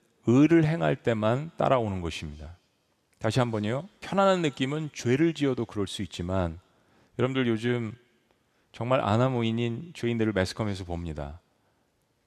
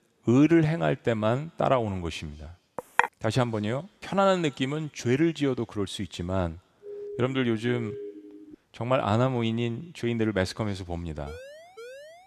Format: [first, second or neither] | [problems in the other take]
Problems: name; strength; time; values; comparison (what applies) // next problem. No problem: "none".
first | clattering dishes; loud; at 3 s; peak level with the speech // siren; faint; from 7 to 8.5 s and from 11 s on; peak 10 dB below the speech